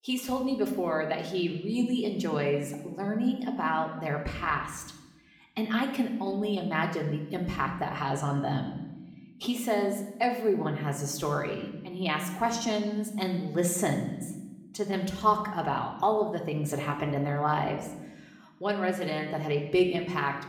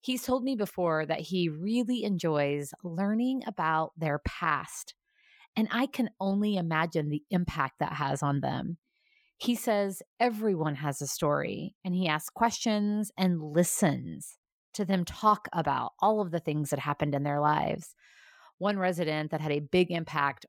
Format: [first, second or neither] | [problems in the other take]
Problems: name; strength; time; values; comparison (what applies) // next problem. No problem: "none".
second | room echo; slight; dies away in 0.9 s // off-mic speech; somewhat distant